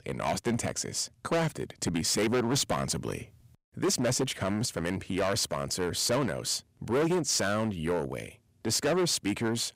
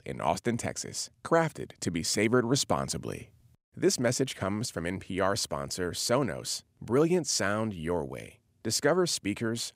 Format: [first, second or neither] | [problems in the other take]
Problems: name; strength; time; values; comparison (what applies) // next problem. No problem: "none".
second | distortion; heavy; 11% of the sound clipped